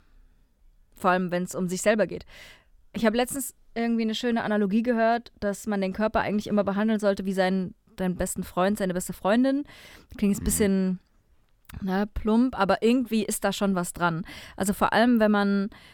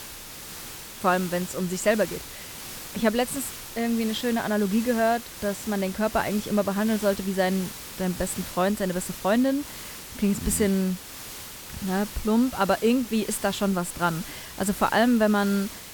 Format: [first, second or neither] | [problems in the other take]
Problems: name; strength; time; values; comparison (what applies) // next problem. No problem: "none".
first | hiss; noticeable; throughout; 10 dB below the speech